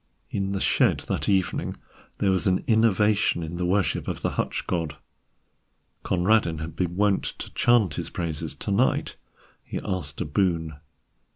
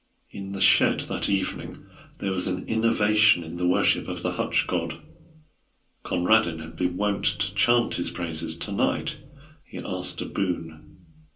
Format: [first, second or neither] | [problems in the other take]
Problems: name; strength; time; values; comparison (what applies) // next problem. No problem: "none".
first | room echo; dies away in 0.3 s